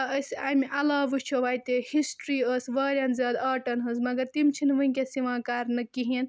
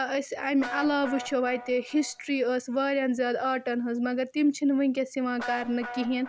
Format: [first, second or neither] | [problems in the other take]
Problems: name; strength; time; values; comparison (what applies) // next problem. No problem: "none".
first | background sound (Guitar); 16 dB below the speech